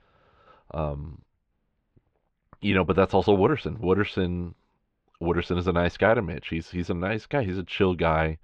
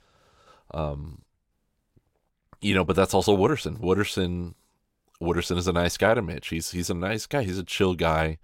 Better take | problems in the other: second | muffled; slightly; fading above 3 kHz

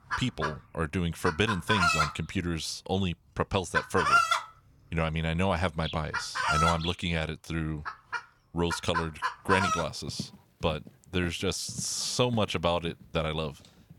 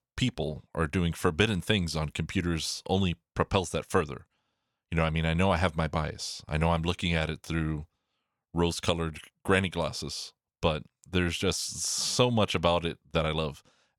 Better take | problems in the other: second | animal sounds; very loud; throughout; 1 dB above the speech

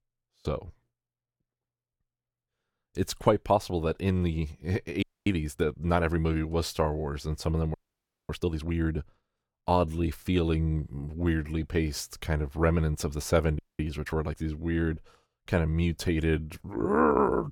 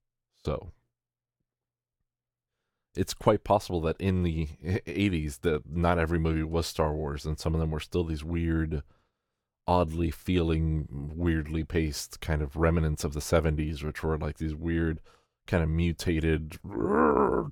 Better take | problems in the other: second | audio freezing; at 5 s, at 7.5 s for 0.5 s and at 14 s

